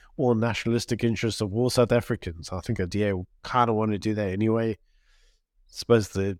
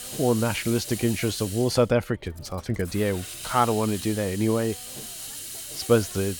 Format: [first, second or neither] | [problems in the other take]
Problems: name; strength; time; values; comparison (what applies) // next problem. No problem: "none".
first | hiss; loud; throughout; 9 dB below the speech